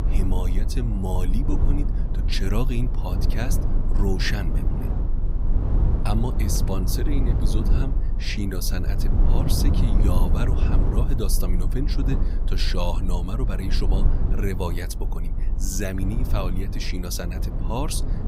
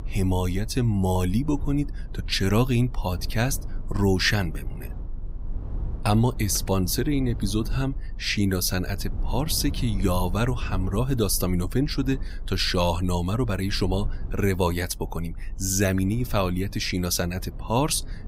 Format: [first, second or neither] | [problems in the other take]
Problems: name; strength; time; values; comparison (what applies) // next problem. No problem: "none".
second | low rumble; loud; throughout; 5 dB below the speech; faint in the second